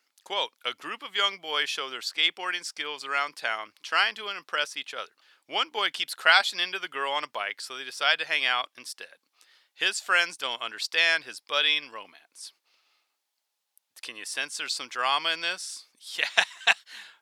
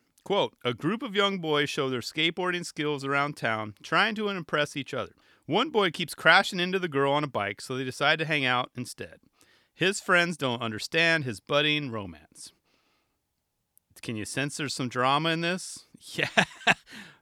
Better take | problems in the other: second | thin; very; fading below 800 Hz

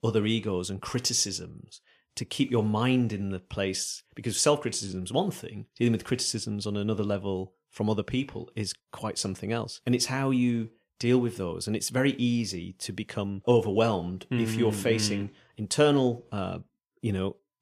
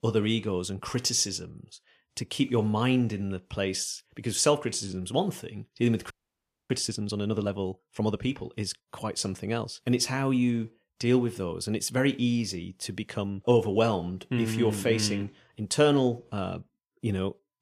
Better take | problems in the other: first | audio freezing; at 6 s for 0.5 s

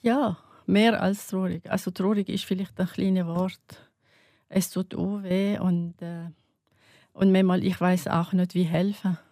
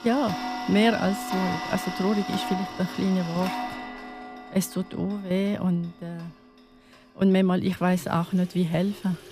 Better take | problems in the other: first | household noises; loud; throughout; 7 dB below the speech

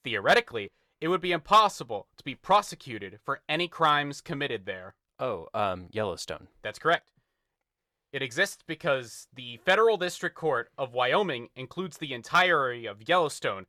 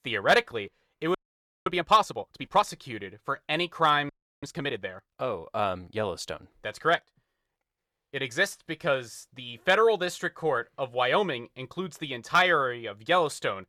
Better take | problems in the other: first | audio freezing; at 1 s for 0.5 s and at 4 s

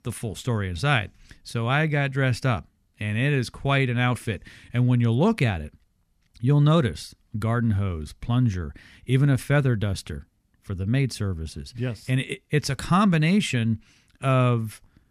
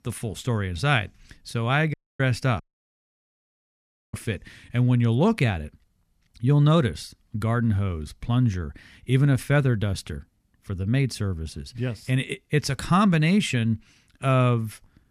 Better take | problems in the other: first | audio cutting out; at 2 s and at 2.5 s for 1.5 s

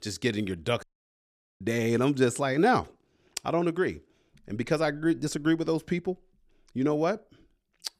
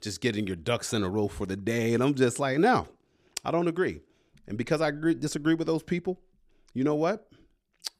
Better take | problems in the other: second | audio cutting out; at 1 s for 1 s

